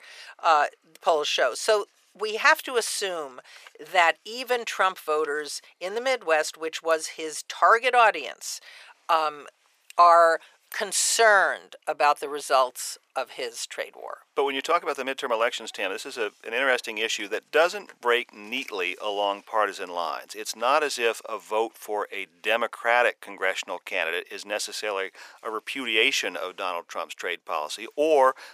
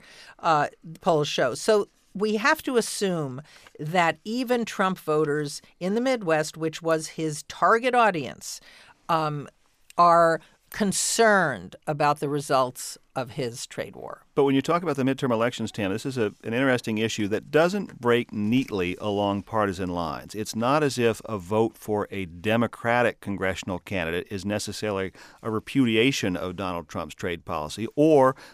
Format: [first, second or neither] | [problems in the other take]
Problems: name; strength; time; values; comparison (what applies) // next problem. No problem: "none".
second | thin; very; fading below 500 Hz